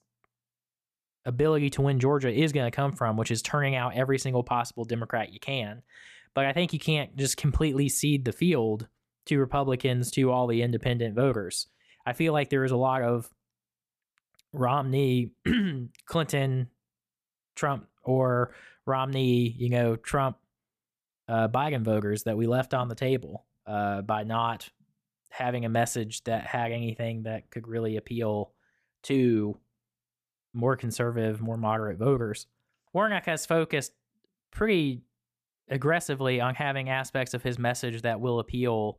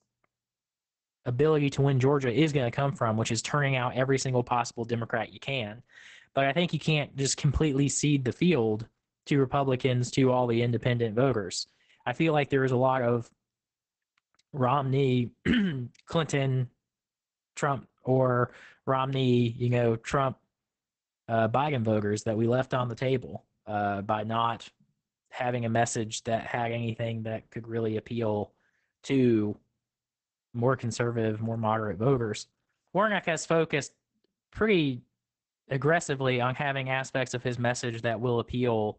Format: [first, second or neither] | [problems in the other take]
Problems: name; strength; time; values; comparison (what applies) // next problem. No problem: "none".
first | garbled, watery; badly; nothing above 8 kHz